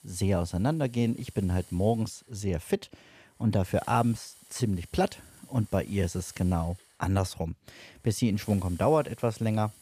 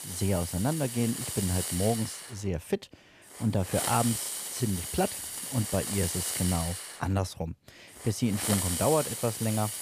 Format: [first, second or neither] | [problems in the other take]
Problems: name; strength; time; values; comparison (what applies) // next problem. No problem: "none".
first | hiss; loud; throughout; 2 dB below the speech; faint in the first